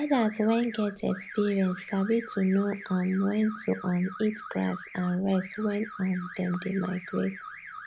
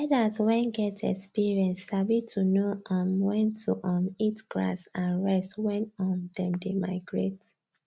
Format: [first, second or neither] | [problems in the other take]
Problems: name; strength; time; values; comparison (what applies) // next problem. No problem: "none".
second | background sound (Alarm / Car); 14 dB below the speech